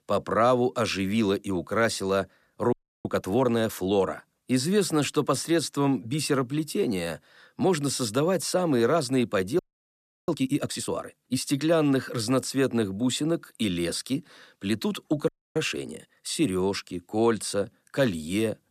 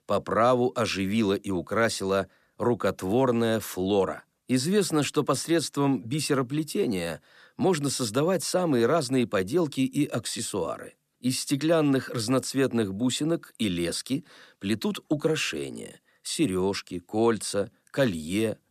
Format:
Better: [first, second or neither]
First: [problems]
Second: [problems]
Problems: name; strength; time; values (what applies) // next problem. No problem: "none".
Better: second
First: audio freezing; at 2.5 s, at 9.5 s for 0.5 s and at 15 s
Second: none